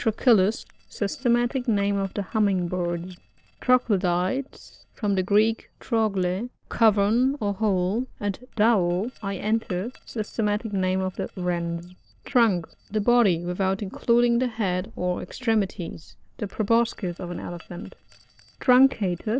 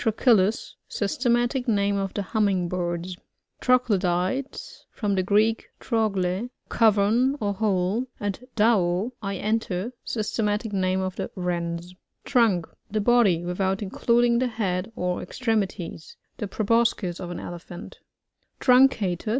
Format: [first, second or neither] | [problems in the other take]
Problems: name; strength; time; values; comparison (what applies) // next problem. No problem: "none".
second | noise reduction (neural separator model SepFormer DNS4)